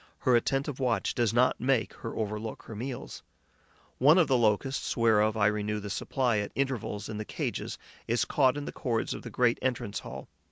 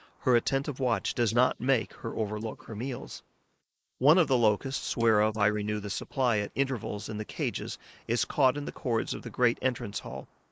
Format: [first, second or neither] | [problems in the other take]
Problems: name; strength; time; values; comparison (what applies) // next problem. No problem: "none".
first | noise reduction (neural mask model Resemble Enhance denoiser)